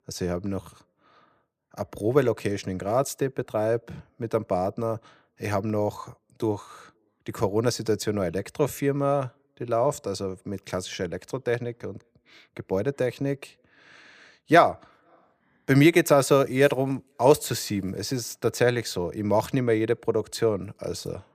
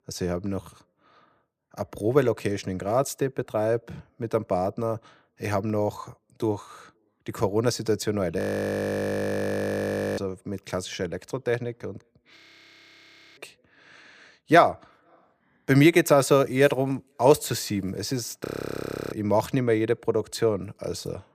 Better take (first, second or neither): first